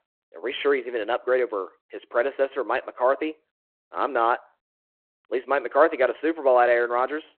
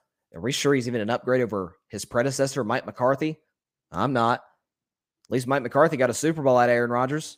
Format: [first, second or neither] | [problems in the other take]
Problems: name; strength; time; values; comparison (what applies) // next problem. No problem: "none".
second | phone-call audio